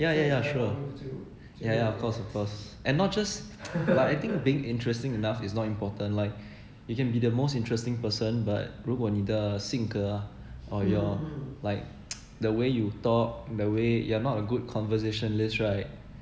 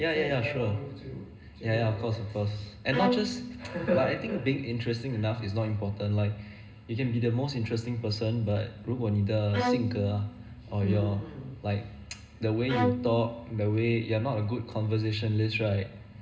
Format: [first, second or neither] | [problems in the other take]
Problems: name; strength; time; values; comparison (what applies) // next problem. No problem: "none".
first | background sound (Bowed string instrument); 6 dB below the speech // room echo; dies away in 0.2 s